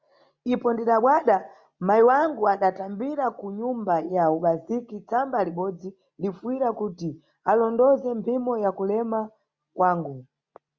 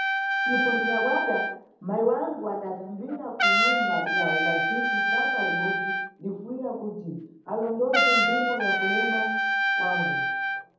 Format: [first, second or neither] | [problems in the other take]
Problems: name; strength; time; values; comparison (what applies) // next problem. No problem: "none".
first | background sound (Trumpet); 4 dB above the speech // room echo; dies away in 0.8 s